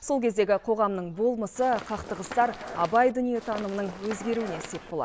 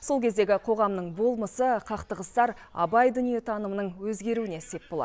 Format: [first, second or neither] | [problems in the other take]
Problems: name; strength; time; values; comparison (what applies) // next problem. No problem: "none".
second | background sound (Run); 13 dB below the speech